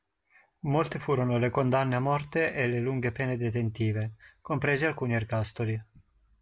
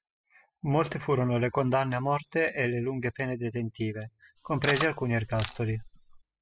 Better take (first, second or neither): first